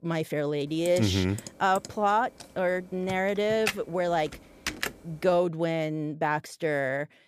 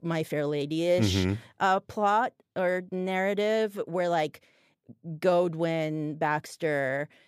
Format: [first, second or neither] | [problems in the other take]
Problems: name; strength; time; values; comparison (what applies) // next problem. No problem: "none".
second | keyboard typing; noticeable; from 1 to 5 s; peak 4 dB below the speech